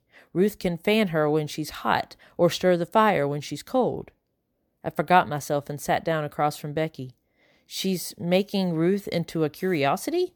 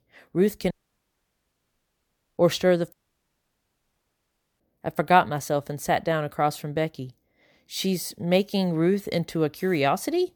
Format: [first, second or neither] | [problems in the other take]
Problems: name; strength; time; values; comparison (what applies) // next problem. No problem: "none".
first | audio cutting out; at 0.5 s for 1.5 s and at 3 s for 1.5 s